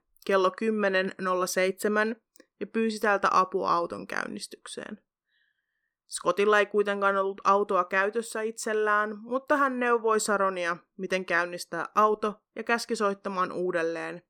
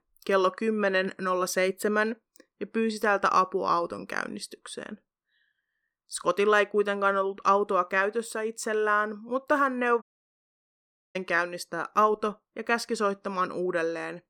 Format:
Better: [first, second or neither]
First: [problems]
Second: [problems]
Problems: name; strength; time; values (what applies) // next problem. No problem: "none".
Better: first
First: none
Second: audio cutting out; at 10 s for 1 s